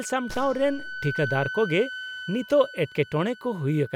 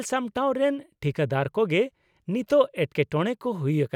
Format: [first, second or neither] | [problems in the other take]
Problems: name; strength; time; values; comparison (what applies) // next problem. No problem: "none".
second | background sound (Gunshot, gunfire + Wind instrument, woodwind instrument); 11 dB below the speech